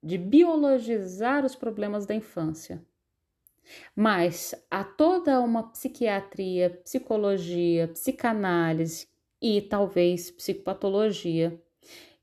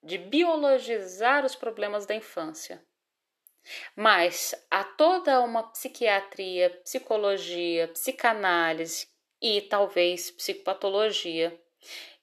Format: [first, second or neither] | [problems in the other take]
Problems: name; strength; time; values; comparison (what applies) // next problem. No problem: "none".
first | thin; somewhat; fading below 600 Hz